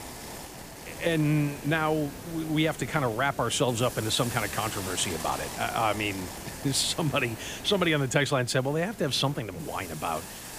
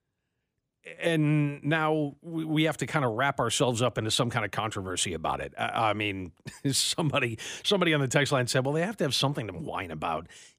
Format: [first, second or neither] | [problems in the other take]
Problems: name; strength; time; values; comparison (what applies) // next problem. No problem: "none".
second | hiss; noticeable; throughout; 10 dB below the speech